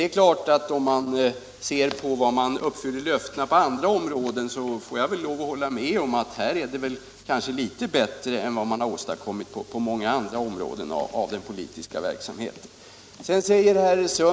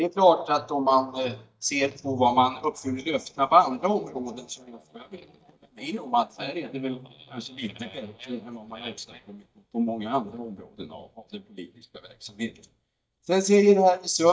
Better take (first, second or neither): first